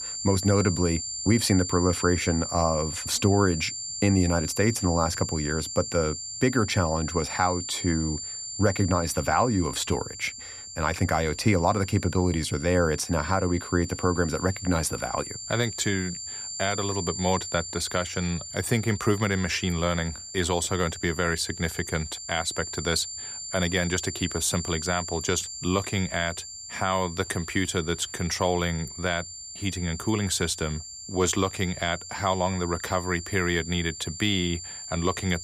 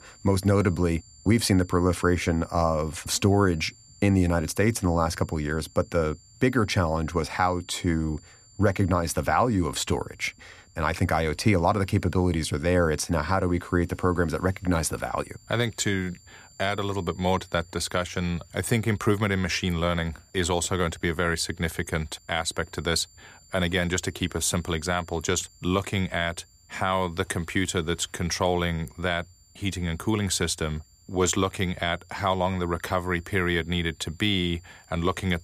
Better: second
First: high-pitched whine; loud; throughout; 7 kHz, 8 dB below the speech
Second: high-pitched whine; faint; throughout; 7 kHz, 30 dB below the speech

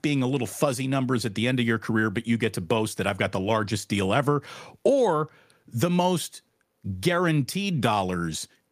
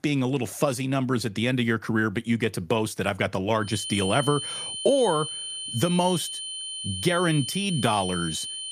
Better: first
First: none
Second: high-pitched whine; loud; from 3.5 s on; 3 kHz, 6 dB below the speech

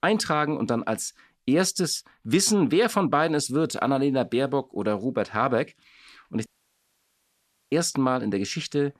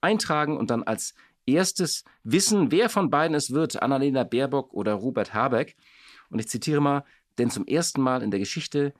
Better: second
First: audio cutting out; at 6.5 s for 1.5 s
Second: none

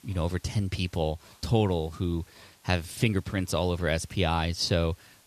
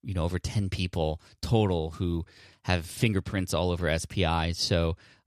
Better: second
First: hiss; faint; throughout; 30 dB below the speech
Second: none

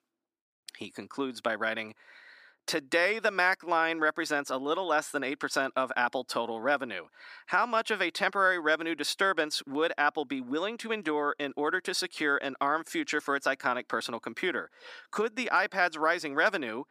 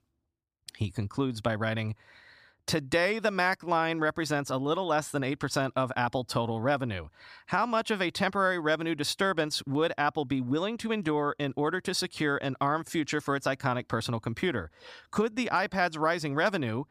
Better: second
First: thin; somewhat; fading below 300 Hz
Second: none

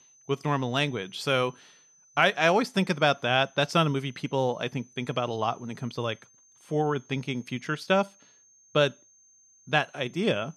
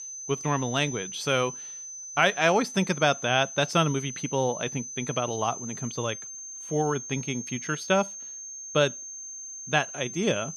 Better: first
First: high-pitched whine; faint; throughout; 6 kHz, 30 dB below the speech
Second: high-pitched whine; loud; throughout; 6 kHz, 9 dB below the speech

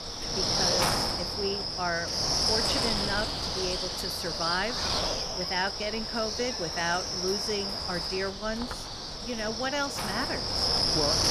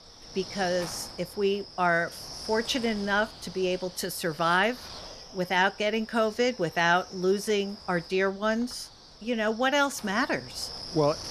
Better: second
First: wind noise on the microphone; heavy; 4 dB above the speech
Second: wind noise on the microphone; occasional gusts; 15 dB below the speech

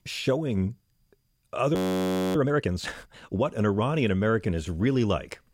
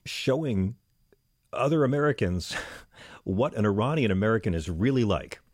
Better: second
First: audio freezing; at 2 s for 0.5 s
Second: none

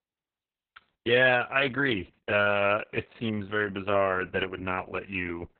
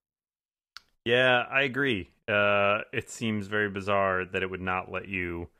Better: second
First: garbled, watery; badly; nothing above 3.5 kHz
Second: none

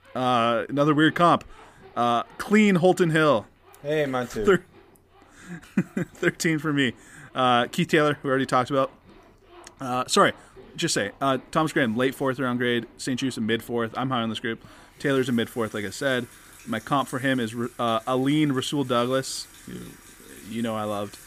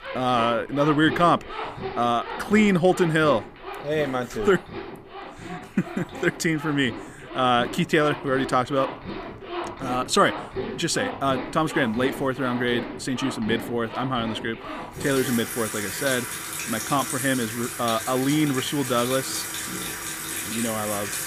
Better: first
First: household noises; faint; throughout; 25 dB below the speech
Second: household noises; loud; throughout; 8 dB below the speech

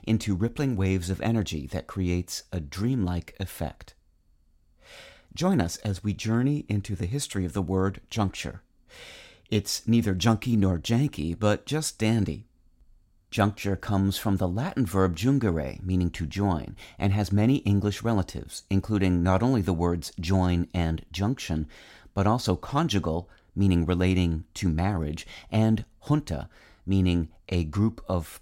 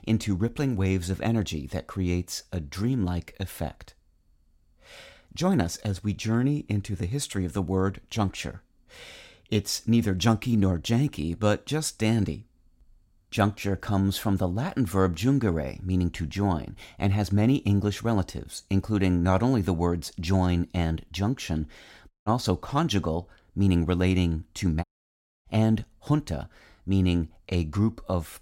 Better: first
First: none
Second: audio cutting out; at 22 s and at 25 s for 0.5 s

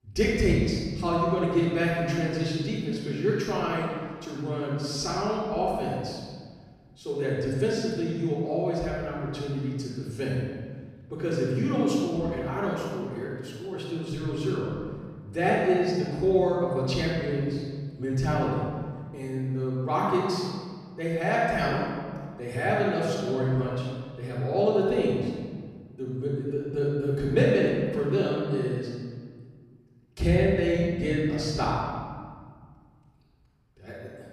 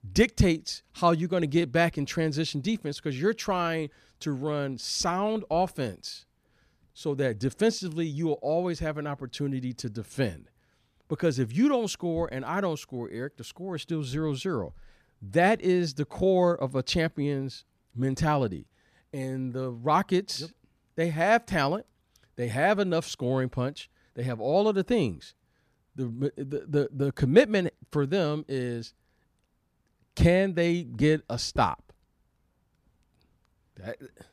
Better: second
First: room echo; strong; dies away in 1.7 s // off-mic speech; far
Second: none

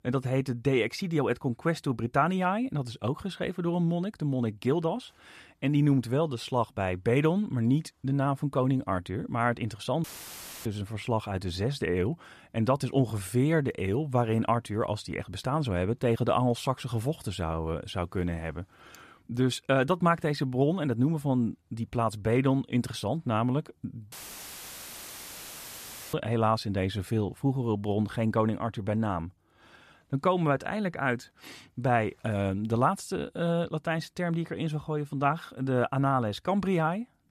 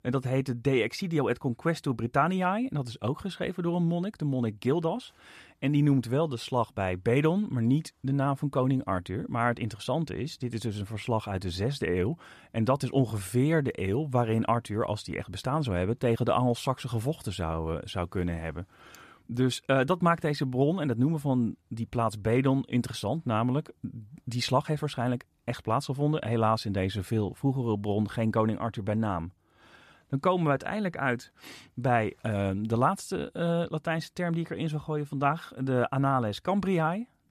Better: second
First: audio cutting out; filled with static; at 10 s for 0.5 s and at 24 s for 2 s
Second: none

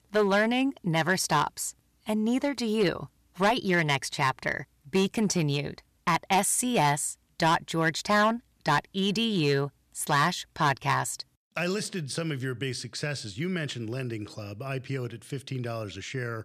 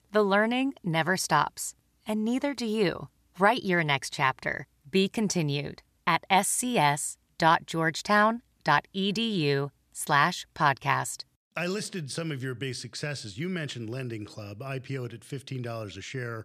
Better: second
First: distortion; slight; 3% of the sound clipped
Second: none

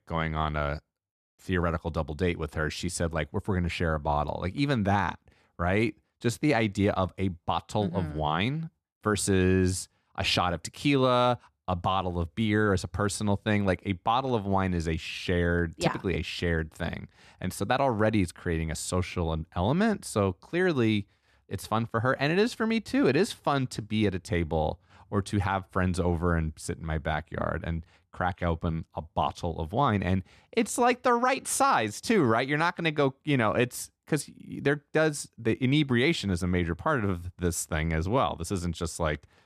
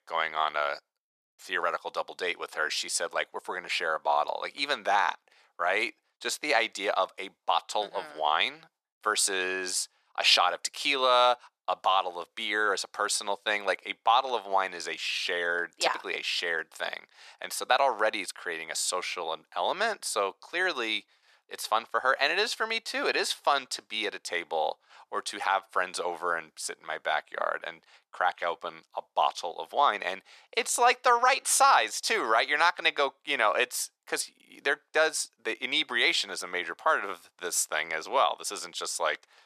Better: first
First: none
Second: thin; very; fading below 600 Hz

